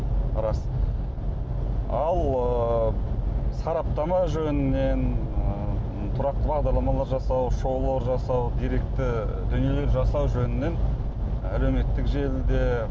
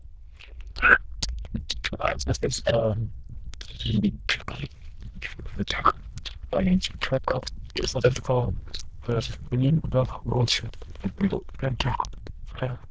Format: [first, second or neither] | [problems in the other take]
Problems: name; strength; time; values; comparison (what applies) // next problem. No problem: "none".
first | noise reduction (neural diffusion model UNIVERSE++)